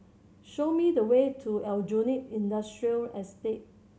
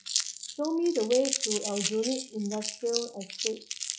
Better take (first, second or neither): first